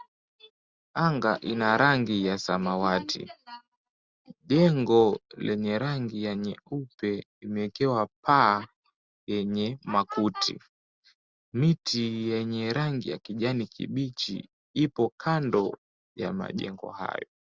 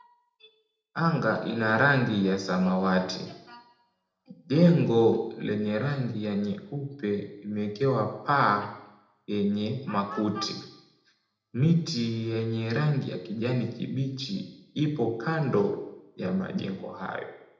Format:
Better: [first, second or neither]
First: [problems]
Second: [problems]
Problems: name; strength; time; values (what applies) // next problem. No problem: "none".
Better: first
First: none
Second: room echo; dies away in 0.7 s